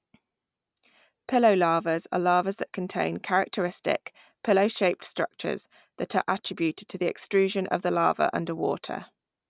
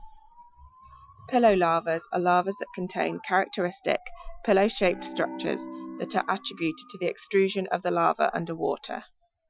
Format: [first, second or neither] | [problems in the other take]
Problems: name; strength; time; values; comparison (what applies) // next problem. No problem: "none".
first | noise reduction (classical method Wiener filter)